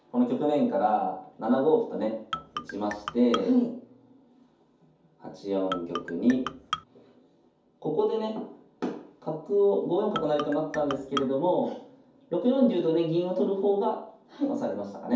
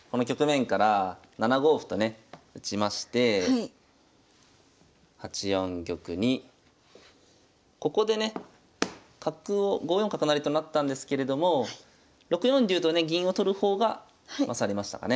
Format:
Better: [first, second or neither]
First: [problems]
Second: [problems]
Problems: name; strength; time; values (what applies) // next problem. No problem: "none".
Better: second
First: background sound (Marimba, xylophone); 9 dB below the speech // room echo; dies away in 0.6 s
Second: none